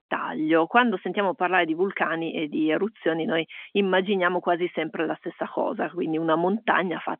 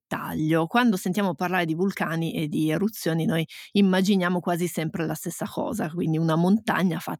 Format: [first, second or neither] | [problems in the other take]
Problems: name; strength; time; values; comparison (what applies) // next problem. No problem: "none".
second | phone-call audio; nothing above 3.5 kHz